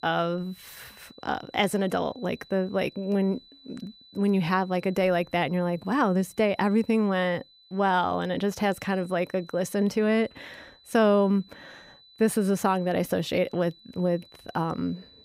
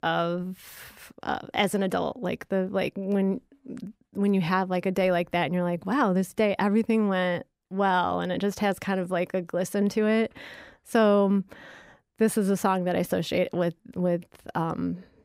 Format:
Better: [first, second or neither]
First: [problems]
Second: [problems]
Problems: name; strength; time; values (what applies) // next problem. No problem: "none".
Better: second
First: high-pitched whine; faint; throughout; 4 kHz, 25 dB below the speech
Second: none